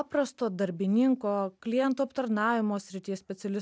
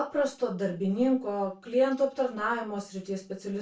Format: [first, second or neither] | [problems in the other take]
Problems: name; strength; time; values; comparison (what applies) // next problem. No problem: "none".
first | room echo; dies away in 0.2 s